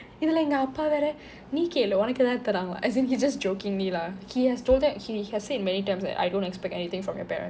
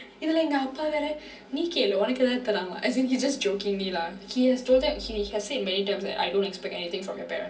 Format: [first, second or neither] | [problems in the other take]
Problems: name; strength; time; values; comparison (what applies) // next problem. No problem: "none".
first | room echo; dies away in 0.3 s